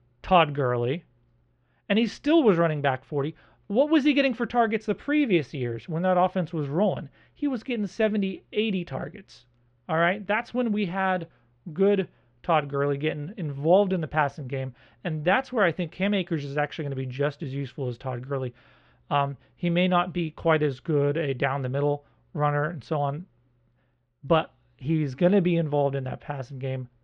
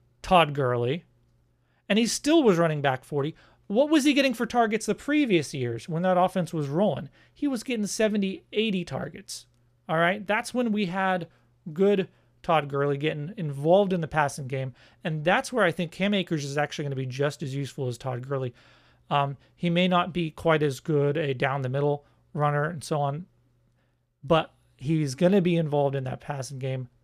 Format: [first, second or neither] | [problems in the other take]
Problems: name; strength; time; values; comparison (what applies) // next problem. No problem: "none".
second | muffled; slightly; fading above 3.5 kHz